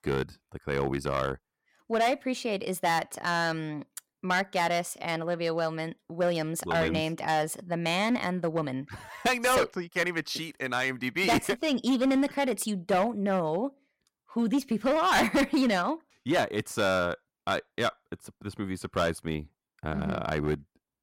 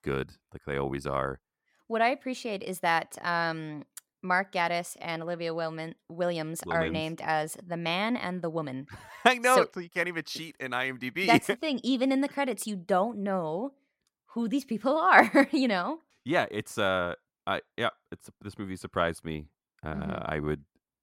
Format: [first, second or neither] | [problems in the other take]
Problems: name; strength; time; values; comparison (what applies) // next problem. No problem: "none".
second | distortion; heavy; 6% of the sound clipped